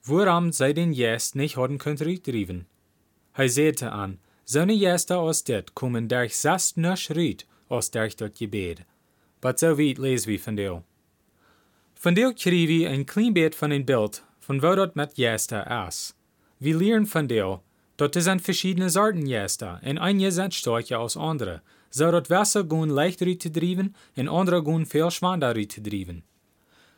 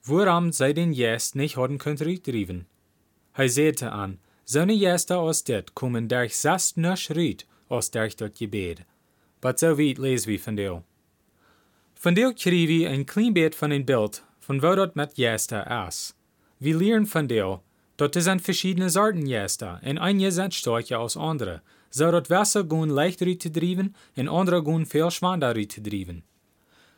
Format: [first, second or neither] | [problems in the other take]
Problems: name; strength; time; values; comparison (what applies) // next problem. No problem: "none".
neither | none